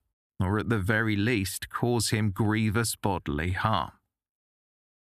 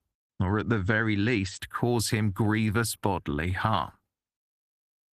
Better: first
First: none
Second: garbled, watery; slightly; nothing above 14.5 kHz

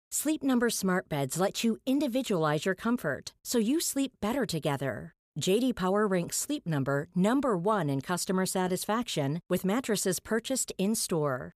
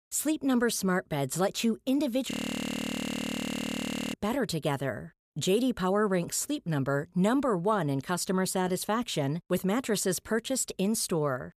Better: first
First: none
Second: audio freezing; at 2.5 s for 2 s

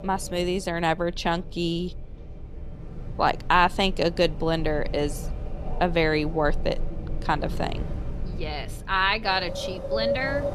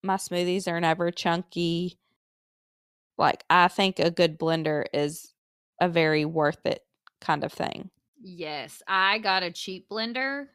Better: second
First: wind in the background; loud; throughout; 9 dB below the speech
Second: none

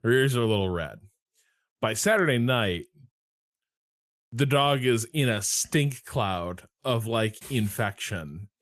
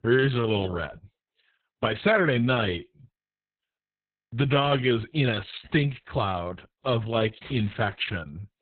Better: first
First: garbled, watery; slightly; nothing above 13.5 kHz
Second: garbled, watery; badly; nothing above 3.5 kHz

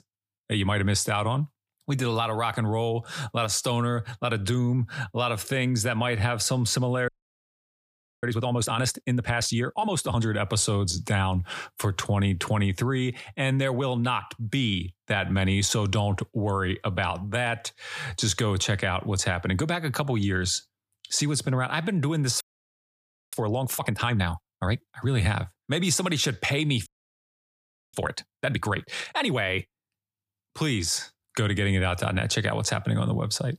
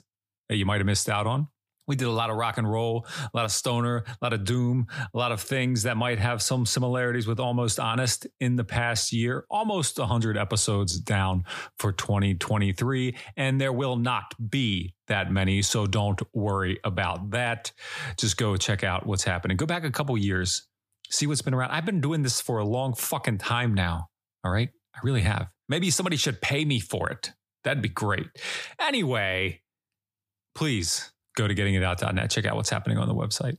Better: second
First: audio freezing; at 7 s for 1 s, at 22 s for 1 s and at 27 s for 1 s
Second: none

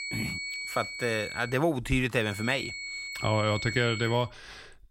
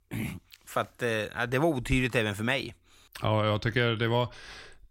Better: second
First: high-pitched whine; loud; until 1.5 s and from 2.5 to 4 s; 2 kHz, 7 dB below the speech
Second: none

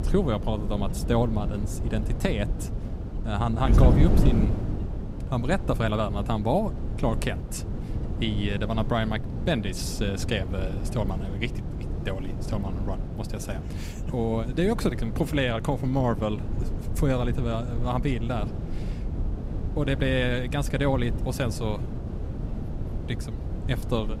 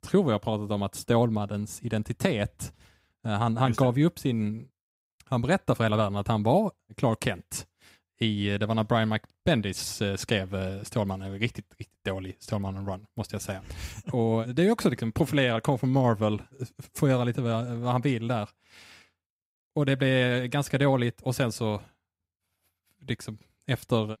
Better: second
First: wind noise on the microphone; heavy; 9 dB below the speech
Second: none

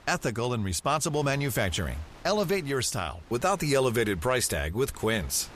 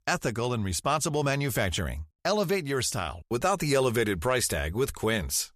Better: second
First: wind noise on the microphone; occasional gusts; 25 dB below the speech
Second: none

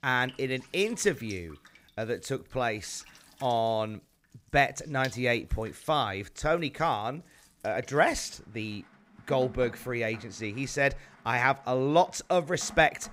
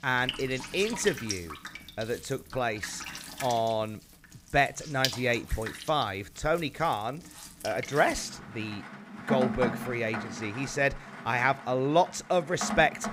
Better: first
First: rain or running water; faint; throughout; 20 dB below the speech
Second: rain or running water; loud; throughout; 8 dB below the speech

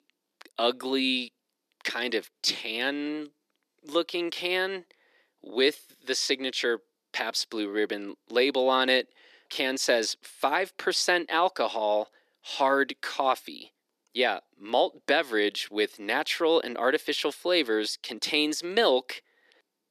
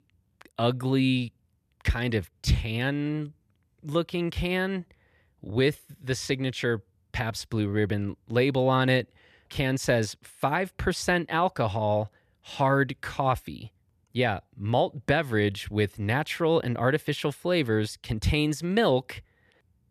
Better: second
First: thin; somewhat; fading below 300 Hz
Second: none

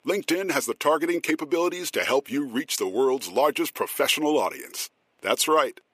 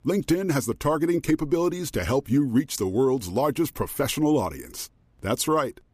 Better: second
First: thin; somewhat; fading below 500 Hz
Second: none

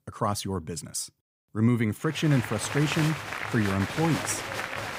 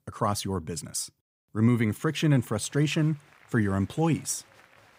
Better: second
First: crowd noise; loud; from 2 s on; 5 dB below the speech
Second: crowd noise; faint; from 2 s on; 30 dB below the speech

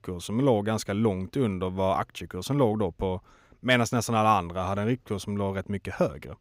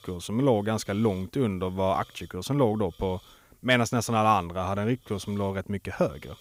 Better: first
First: none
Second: hiss; faint; throughout; 30 dB below the speech

